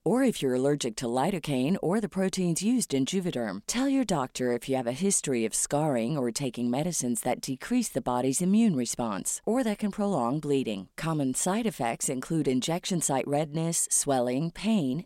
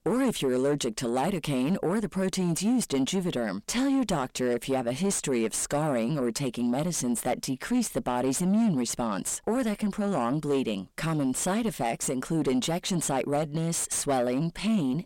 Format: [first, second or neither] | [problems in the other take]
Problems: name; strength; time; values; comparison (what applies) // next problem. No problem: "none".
first | distortion; slight; 10 dB below the speech